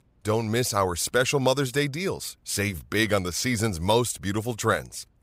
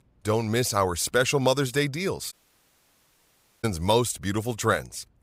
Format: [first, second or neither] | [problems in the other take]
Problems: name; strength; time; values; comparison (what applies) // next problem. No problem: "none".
first | audio cutting out; at 2.5 s for 1.5 s